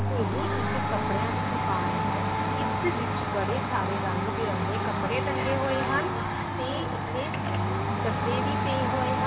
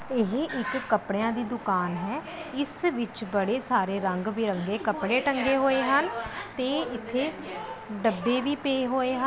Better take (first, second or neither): second